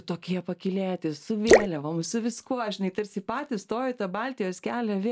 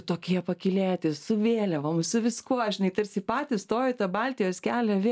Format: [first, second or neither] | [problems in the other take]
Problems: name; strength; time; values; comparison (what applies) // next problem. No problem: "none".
second | background sound (Drip / Splash, splatter); 3 dB above the speech